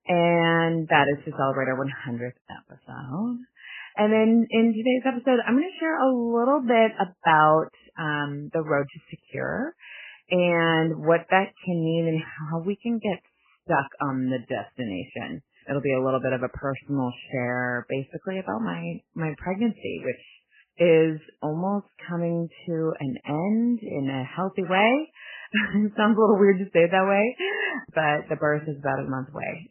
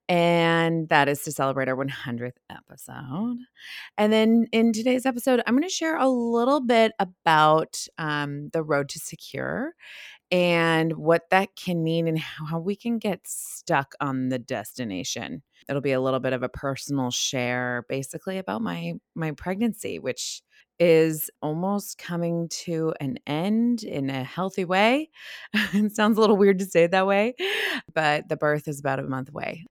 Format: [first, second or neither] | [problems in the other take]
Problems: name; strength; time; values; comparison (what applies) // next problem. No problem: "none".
second | garbled, watery; badly; nothing above 3 kHz